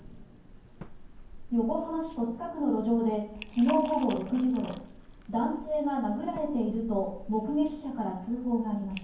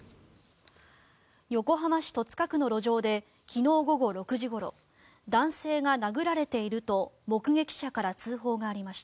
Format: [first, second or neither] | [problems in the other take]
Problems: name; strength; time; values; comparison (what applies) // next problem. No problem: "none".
second | background sound (Liquid); 16 dB below the speech // room echo; dies away in 0.9 s